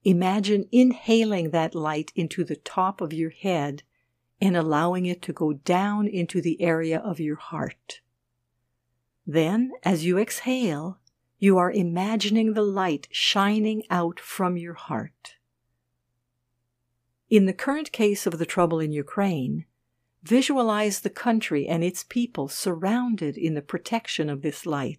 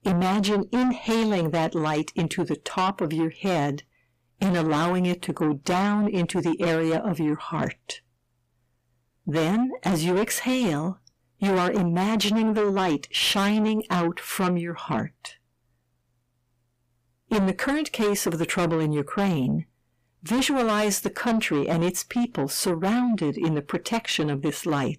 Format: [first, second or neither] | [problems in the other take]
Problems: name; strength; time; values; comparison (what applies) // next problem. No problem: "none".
first | distortion; heavy; 6 dB below the speech